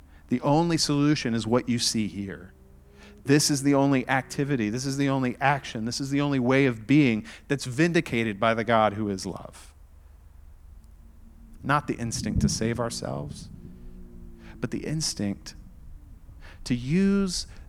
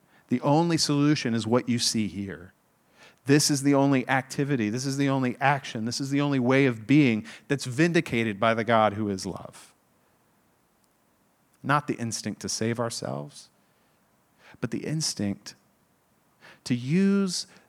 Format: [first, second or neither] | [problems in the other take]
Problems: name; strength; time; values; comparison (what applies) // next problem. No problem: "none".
second | low rumble; faint; throughout; 20 dB below the speech